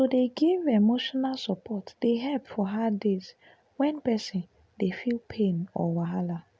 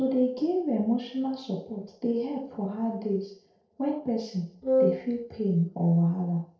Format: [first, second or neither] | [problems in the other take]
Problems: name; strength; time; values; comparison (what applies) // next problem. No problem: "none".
first | noise reduction (neural separator model SepFormer DNS4)